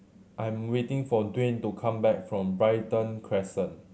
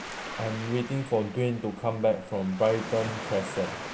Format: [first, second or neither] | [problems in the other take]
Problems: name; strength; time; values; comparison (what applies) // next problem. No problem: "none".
first | background sound (Waves, surf); 10 dB below the speech